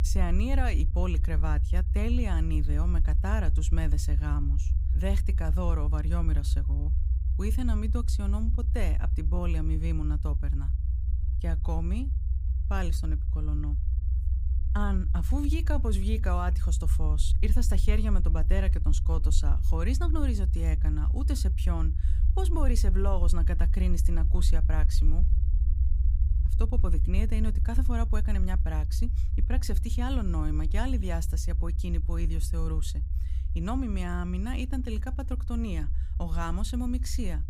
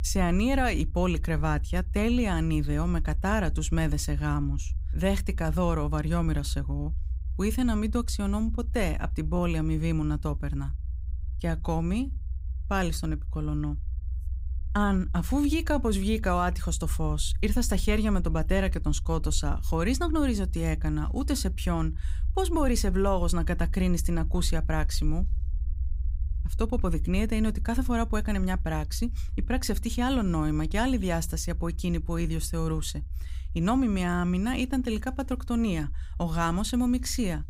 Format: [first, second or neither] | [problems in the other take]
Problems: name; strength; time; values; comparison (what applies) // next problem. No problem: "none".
second | low rumble; loud; throughout; 10 dB below the speech; faint in the second